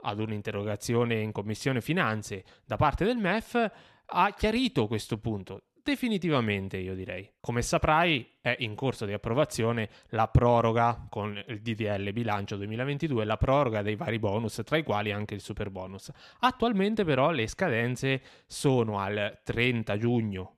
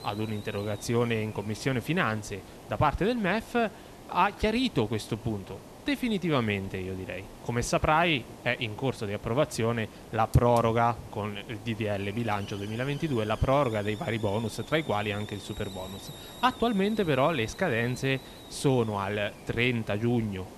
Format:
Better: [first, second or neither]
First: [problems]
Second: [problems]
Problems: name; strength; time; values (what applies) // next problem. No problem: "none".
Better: first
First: none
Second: hiss; noticeable; throughout; 15 dB below the speech